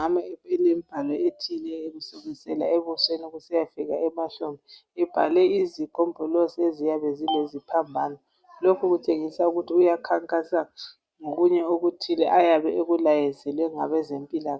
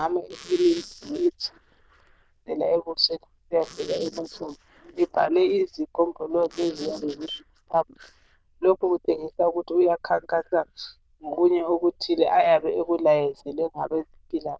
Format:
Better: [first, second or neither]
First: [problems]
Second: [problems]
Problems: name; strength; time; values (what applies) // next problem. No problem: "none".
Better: first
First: none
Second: noise reduction (neural diffusion model UNIVERSE++)